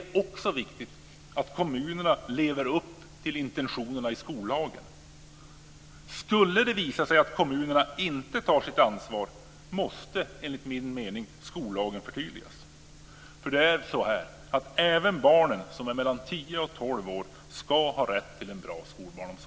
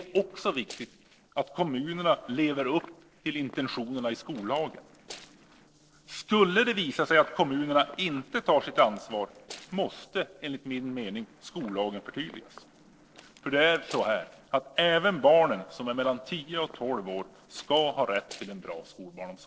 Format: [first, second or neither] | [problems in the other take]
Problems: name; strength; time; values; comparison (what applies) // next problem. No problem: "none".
first | noise reduction (neural separator model SepFormer DNS4)